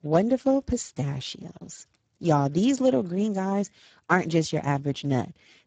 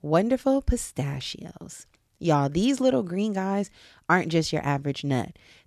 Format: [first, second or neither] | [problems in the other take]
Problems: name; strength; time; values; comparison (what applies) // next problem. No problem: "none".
second | garbled, watery; badly; nothing above 7.5 kHz